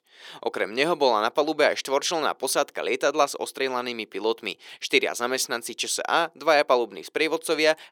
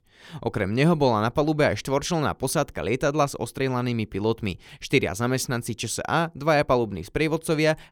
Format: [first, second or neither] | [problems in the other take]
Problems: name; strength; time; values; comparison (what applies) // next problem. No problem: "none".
second | thin; somewhat; fading below 350 Hz